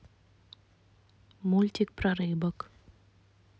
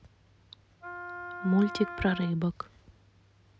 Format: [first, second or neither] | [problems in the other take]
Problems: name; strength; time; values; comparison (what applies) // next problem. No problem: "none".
first | background sound (Wind instrument, woodwind instrument); 10 dB below the speech